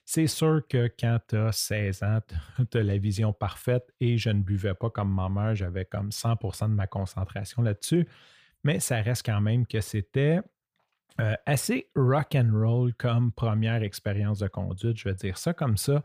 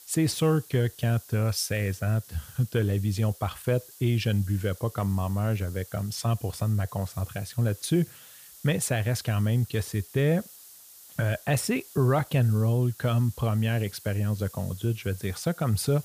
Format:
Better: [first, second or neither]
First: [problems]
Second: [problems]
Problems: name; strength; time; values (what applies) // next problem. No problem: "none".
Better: first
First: none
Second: hiss; noticeable; throughout; 20 dB below the speech